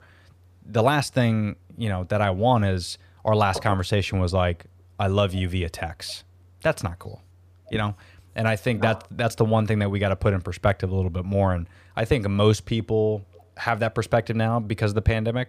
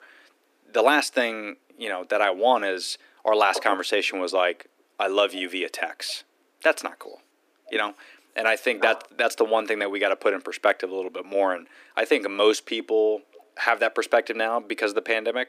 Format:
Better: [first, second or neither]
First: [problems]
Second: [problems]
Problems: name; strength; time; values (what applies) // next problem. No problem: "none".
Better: first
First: none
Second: thin; very; fading below 300 Hz